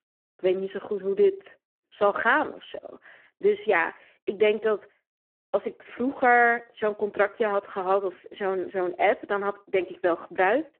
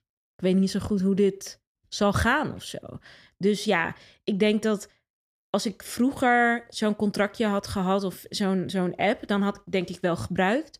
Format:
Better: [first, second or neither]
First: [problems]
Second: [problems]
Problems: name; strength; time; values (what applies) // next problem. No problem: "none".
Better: second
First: phone-call audio; poor line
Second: none